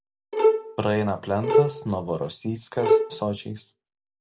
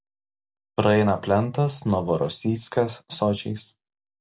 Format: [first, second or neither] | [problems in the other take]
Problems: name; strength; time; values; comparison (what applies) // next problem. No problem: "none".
second | background sound (Bowed string instrument); 4 dB above the speech